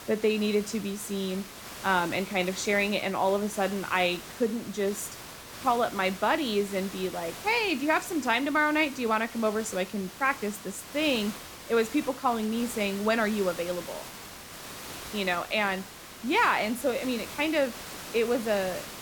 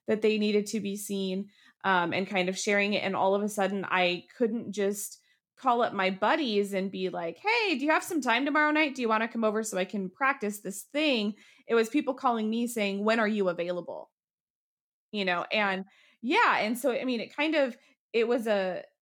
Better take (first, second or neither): second